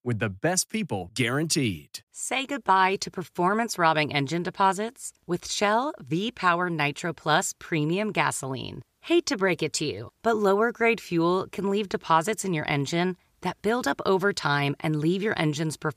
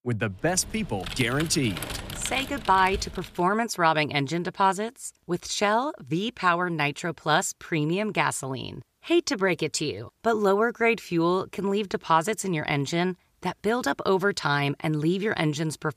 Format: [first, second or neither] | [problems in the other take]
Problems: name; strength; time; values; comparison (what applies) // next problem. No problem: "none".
first | keyboard typing; noticeable; until 3.5 s; peak 8 dB below the speech